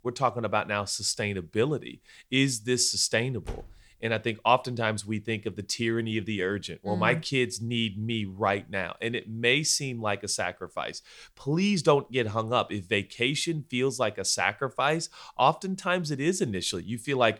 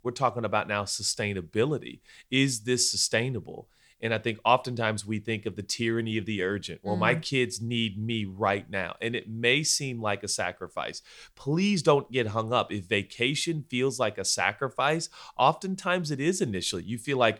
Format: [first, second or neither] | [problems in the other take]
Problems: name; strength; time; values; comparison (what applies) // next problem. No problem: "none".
second | door banging; faint; at 3.5 s; peak 15 dB below the speech